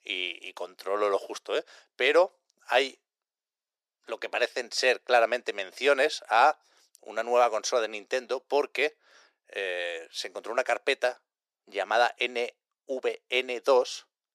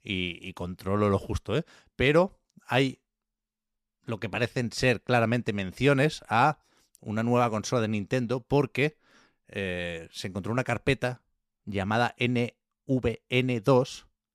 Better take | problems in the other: second | thin; very; fading below 350 Hz

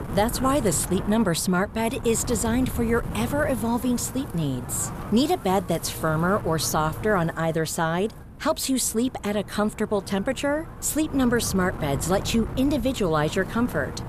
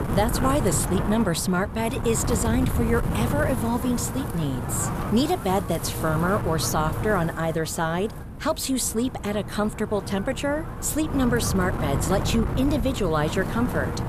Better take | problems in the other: first | wind noise on the microphone; heavy; 7 dB below the speech; occasional gusts in the first

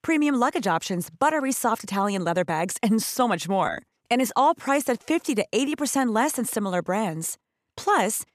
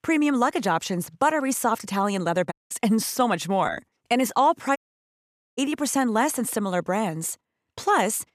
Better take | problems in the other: first | audio cutting out; at 2.5 s and at 5 s for 1 s

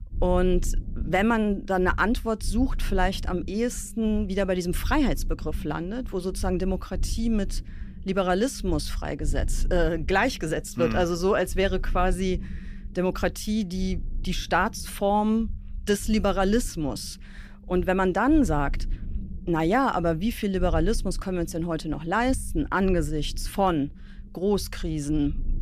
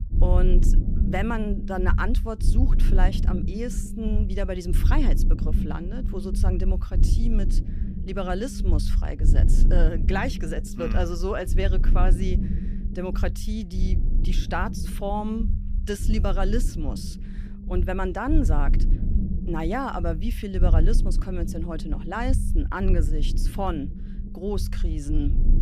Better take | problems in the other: first | low rumble; loud; throughout; 10 dB below the speech; faint in the first

